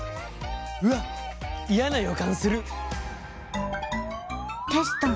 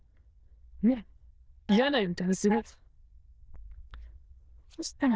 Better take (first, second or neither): first